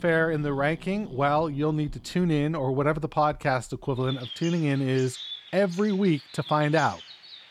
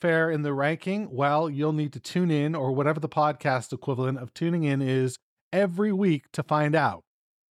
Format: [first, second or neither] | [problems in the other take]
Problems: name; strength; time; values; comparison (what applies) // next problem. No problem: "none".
second | animal sounds; noticeable; throughout; 15 dB below the speech